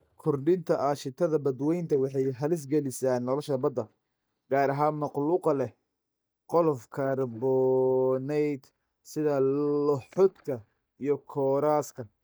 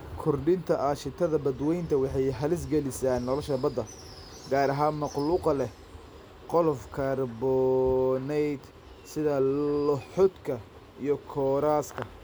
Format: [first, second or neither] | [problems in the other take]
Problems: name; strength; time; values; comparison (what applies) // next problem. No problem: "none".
second | noise reduction (neural mask model DeepFilterNet 3)